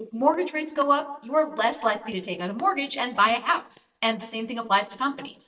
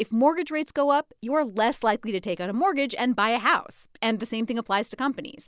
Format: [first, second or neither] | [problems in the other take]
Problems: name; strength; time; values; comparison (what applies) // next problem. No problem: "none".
second | noise reduction (neural mask model DeepFilterNet 3)